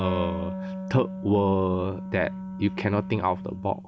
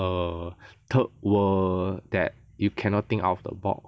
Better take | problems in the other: second | background sound (Wind instrument, woodwind instrument); 7 dB below the speech

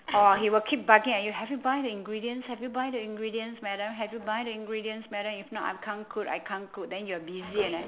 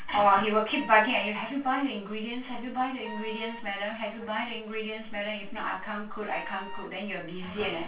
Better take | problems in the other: first | background sound (Wind instrument, woodwind instrument); 16 dB below the speech // room echo; dies away in 0.2 s

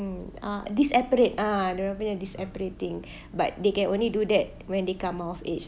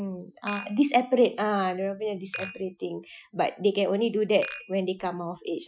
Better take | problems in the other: first | noise reduction (classical method Wiener filter)

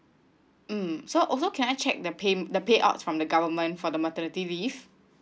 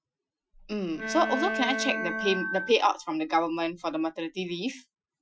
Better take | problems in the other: first | noise reduction (classical method Wiener filter)

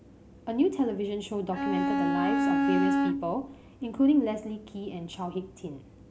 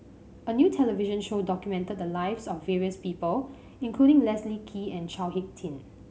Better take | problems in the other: second | background sound (Bowed string instrument); 4 dB above the speech

